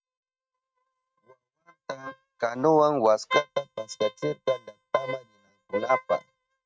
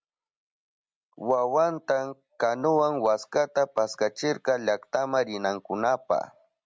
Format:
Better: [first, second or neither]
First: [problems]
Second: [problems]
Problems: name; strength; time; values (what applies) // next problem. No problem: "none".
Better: second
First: noise reduction (neural mask model RNNoise)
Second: none